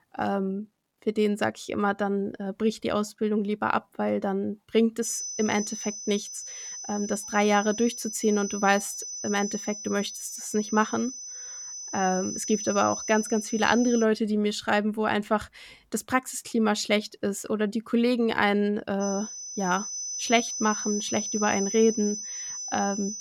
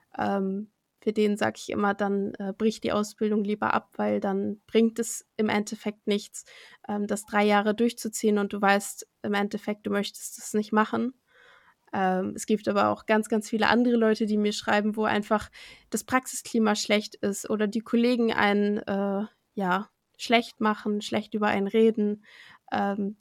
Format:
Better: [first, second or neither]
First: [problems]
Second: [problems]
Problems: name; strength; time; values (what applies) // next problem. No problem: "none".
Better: second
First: high-pitched whine; loud; from 5 to 14 s and from 19 s on; 6 kHz, 7 dB below the speech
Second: none